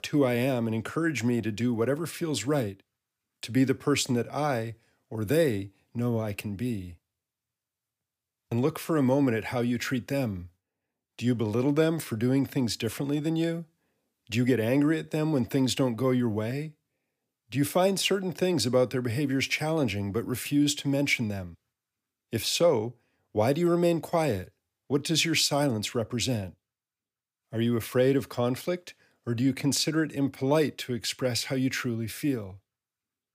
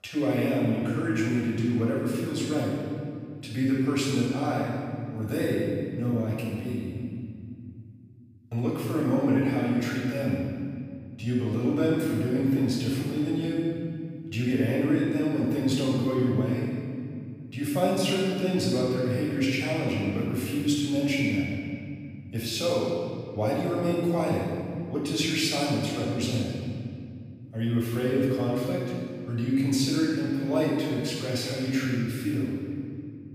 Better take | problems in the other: first | off-mic speech; far // room echo; strong; dies away in 2.4 s

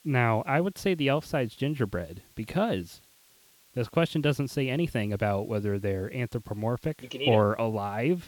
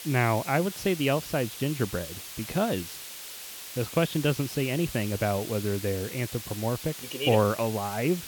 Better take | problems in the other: first | hiss; loud; throughout; 10 dB below the speech; faint in the first

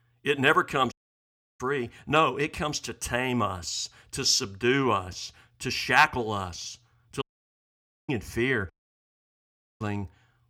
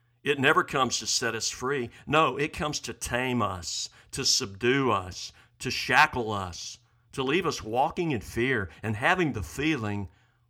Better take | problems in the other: second | audio cutting out; at 1 s for 0.5 s, at 7 s for 1 s and at 8.5 s for 1 s

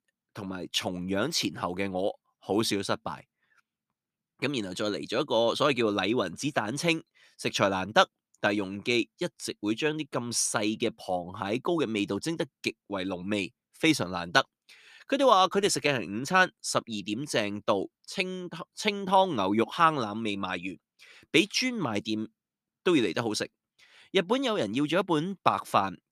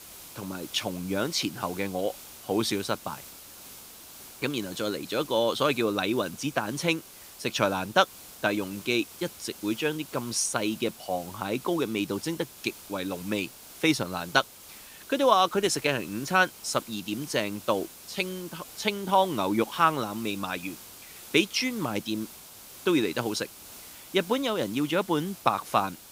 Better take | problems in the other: first | hiss; noticeable; throughout; 15 dB below the speech

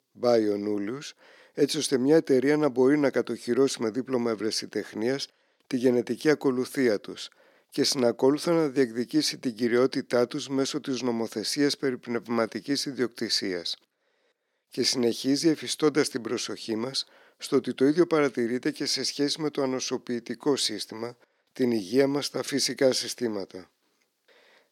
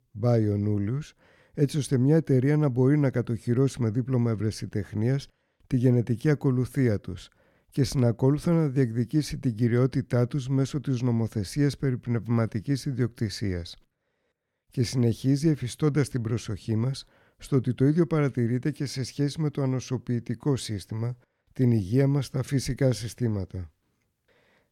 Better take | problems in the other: second | thin; somewhat; fading below 300 Hz

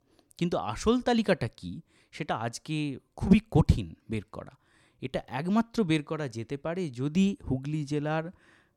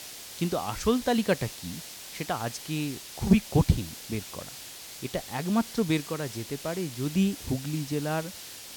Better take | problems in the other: first | hiss; noticeable; throughout; 10 dB below the speech

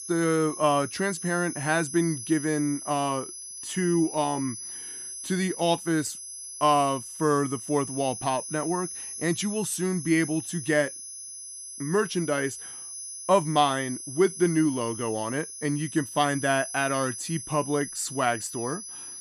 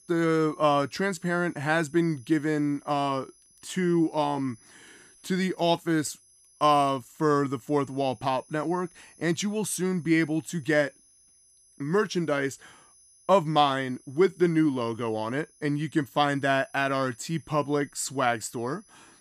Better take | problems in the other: second | high-pitched whine; loud; throughout; 10.5 kHz, 9 dB below the speech; faint in the second

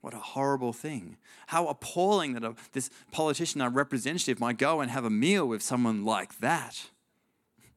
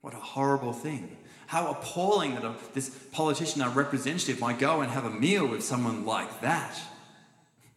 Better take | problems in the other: first | room echo; slight; dies away in 1.5 s

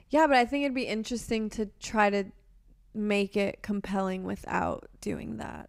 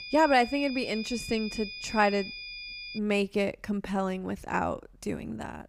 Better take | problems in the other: first | high-pitched whine; loud; until 3 s; 2.5 kHz, 9 dB below the speech

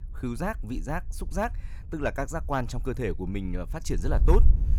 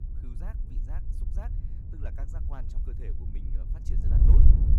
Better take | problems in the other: first | wind noise on the microphone; heavy; 4 dB above the speech; occasional gusts in the first

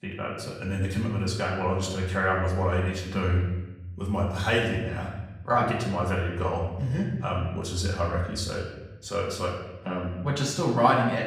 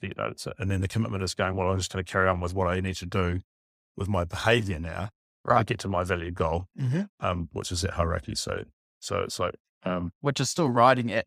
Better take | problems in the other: second | room echo; noticeable; dies away in 1 s // off-mic speech; far

